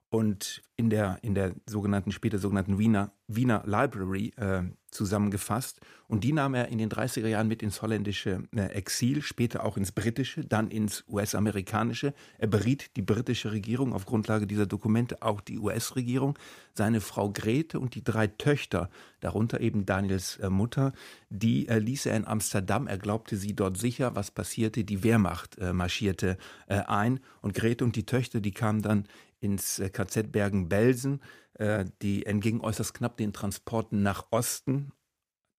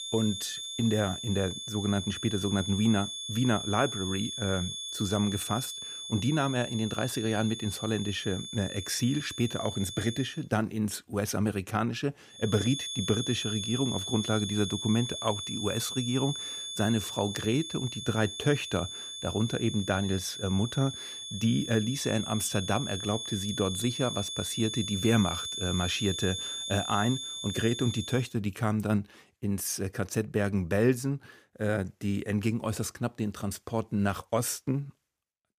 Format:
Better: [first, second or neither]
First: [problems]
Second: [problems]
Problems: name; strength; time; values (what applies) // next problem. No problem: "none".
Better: first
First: none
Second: high-pitched whine; loud; until 10 s and from 12 to 28 s; 3.5 kHz, 5 dB below the speech